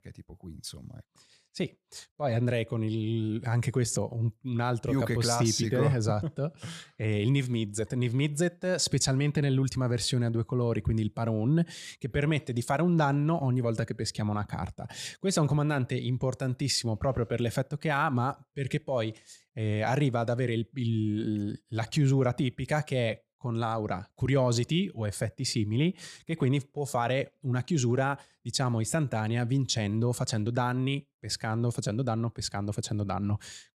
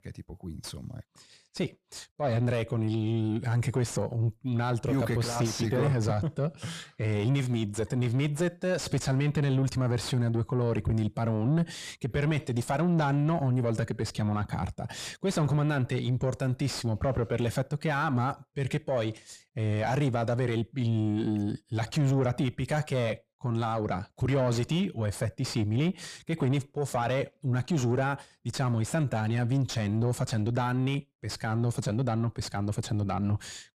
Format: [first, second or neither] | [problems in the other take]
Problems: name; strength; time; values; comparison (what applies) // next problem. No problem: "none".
first | distortion; slight; 10 dB below the speech